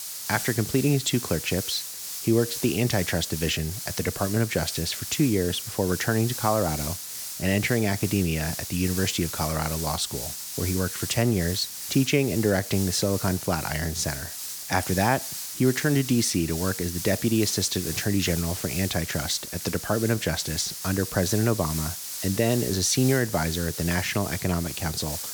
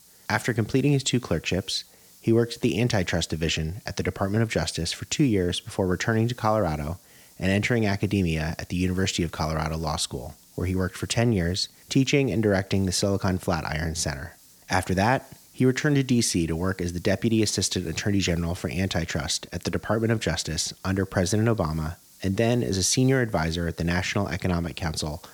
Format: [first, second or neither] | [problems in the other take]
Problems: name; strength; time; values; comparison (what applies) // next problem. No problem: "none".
second | hiss; loud; throughout; 6 dB below the speech; faint in the second